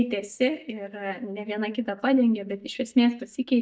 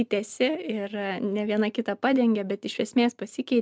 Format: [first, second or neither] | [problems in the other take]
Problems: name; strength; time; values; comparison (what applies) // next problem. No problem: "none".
second | noise reduction (neural mask model DeepFilterNet 3)